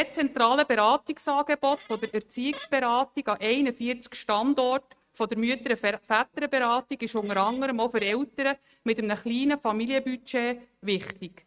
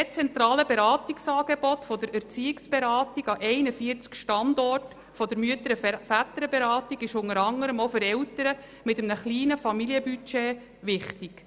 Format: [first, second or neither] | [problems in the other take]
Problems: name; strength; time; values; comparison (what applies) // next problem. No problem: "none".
second | noise reduction (neural mask model RNNoise)